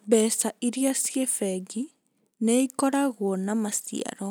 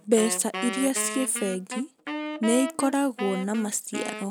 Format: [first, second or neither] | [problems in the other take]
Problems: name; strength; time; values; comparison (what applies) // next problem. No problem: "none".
first | background sound (Wind instrument, woodwind instrument); 8 dB below the speech